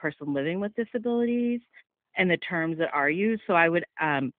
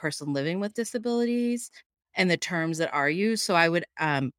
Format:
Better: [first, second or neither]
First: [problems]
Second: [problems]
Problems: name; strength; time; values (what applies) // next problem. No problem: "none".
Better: second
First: phone-call audio; nothing above 3.5 kHz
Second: none